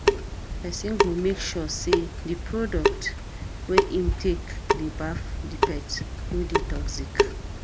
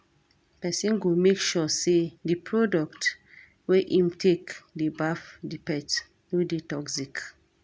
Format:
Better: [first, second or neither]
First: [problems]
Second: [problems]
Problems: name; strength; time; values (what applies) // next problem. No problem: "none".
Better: second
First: background sound (Drip / Sink (filling or washing) / Water tap, faucet); 4 dB above the speech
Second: none